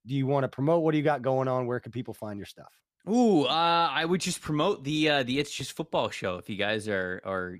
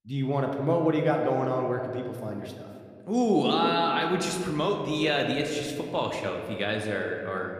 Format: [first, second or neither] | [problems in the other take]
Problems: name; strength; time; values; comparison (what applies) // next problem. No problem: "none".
first | room echo; slight; dies away in 1.8 s